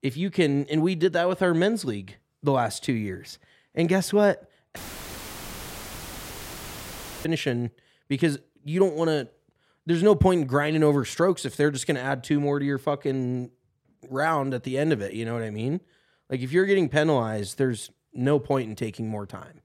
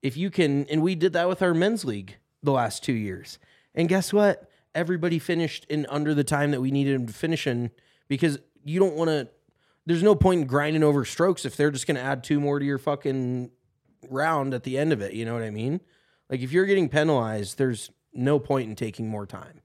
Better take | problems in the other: second | audio cutting out; filled with static; at 5 s for 2.5 s

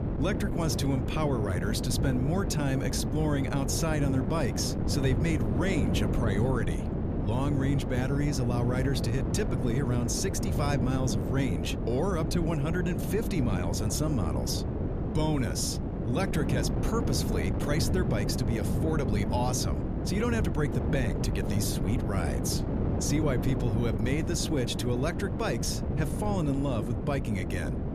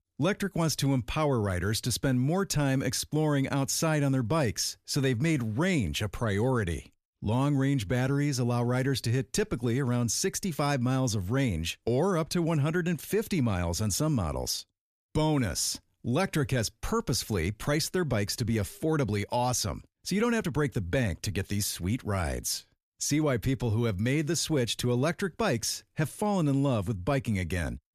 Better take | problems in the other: second | wind noise on the microphone; heavy; 4 dB below the speech

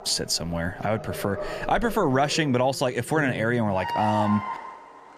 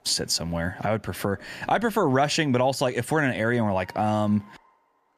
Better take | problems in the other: second | animal sounds; loud; throughout; 8 dB below the speech; faint in the second

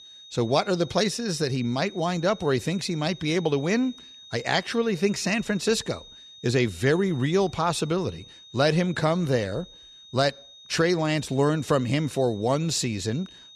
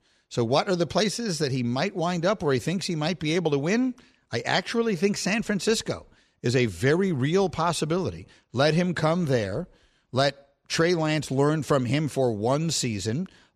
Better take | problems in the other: second | high-pitched whine; noticeable; throughout; 3.5 kHz, 20 dB below the speech

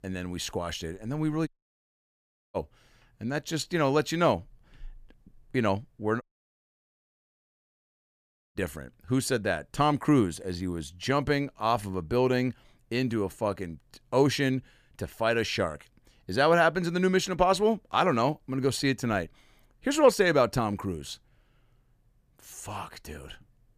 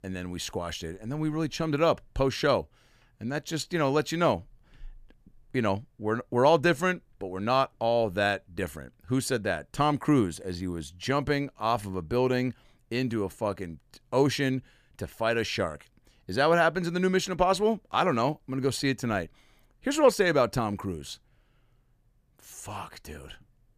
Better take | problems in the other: second | audio cutting out; at 1.5 s for 1 s and at 6 s for 2.5 s

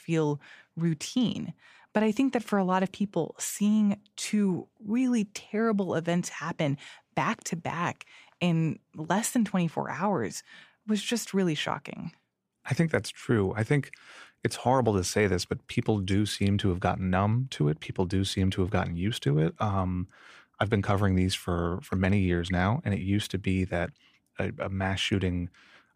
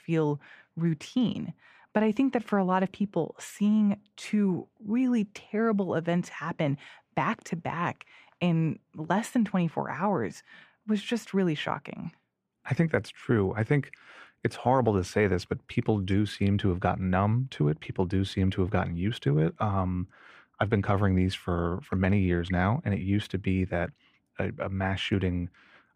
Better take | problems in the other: first | muffled; slightly; fading above 3.5 kHz

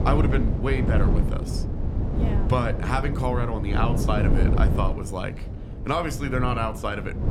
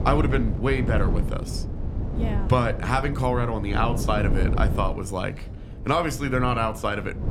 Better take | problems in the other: second | wind noise on the microphone; heavy; 7 dB below the speech; occasional gusts in the second

